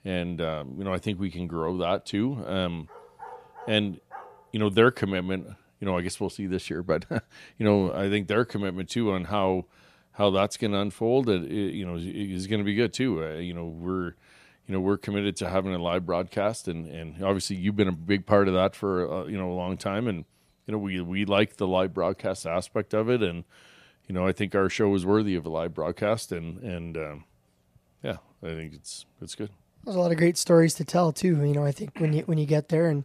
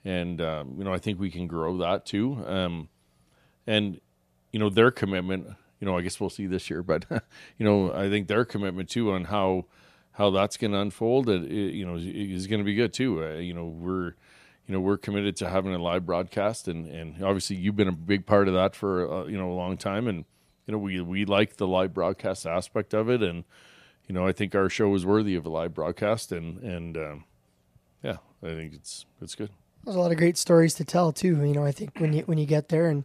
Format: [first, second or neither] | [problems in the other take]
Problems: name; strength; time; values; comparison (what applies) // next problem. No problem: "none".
second | dog barking; faint; from 3 to 4.5 s; peak 15 dB below the speech